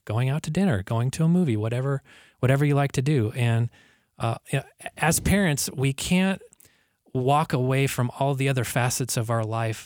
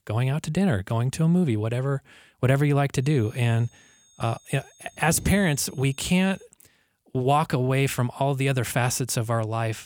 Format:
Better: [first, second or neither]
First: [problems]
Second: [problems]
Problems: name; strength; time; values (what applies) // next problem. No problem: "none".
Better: first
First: none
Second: high-pitched whine; faint; from 3 to 6.5 s; 6.5 kHz, 30 dB below the speech